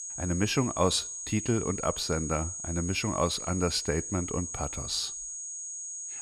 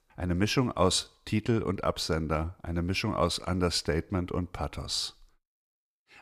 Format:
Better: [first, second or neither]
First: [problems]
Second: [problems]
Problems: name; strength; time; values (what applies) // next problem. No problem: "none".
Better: second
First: high-pitched whine; loud; throughout; 6.5 kHz, 5 dB below the speech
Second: none